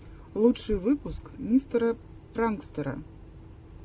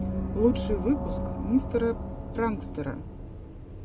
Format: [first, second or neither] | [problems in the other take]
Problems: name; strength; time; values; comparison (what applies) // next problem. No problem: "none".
first | background sound (Gong); 4 dB below the speech